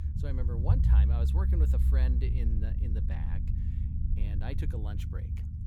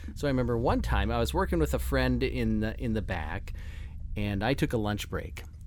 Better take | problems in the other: second | low rumble; loud; throughout; as loud as the speech; faint in the second

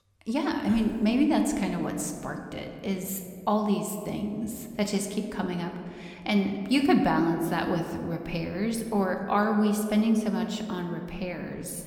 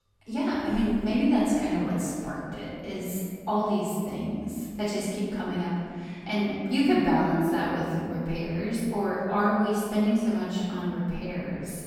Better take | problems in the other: first | room echo; strong; dies away in 2 s; slight in the first // off-mic speech; far

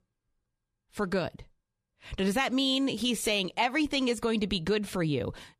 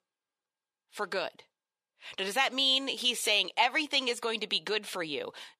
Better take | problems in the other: first | thin; somewhat; fading below 500 Hz

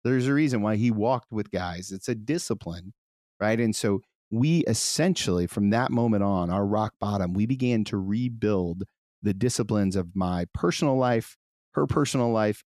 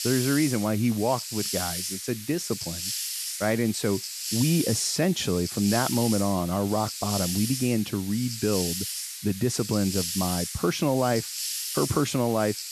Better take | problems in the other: first | hiss; loud; throughout; 5 dB below the speech

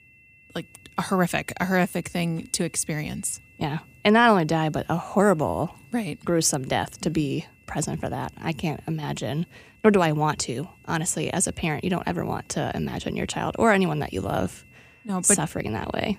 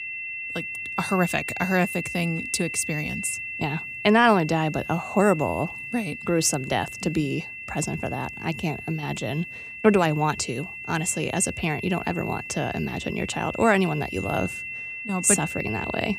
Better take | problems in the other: first | high-pitched whine; loud; throughout; 2.5 kHz, 8 dB below the speech; faint in the first

